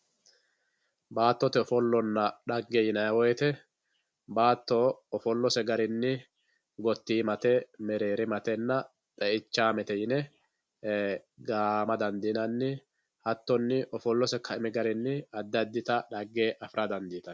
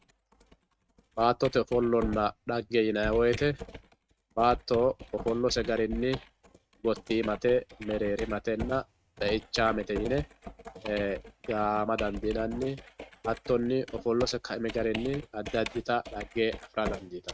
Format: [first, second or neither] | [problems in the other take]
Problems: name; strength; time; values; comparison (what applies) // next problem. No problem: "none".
first | noise reduction (neural mask model RNNoise)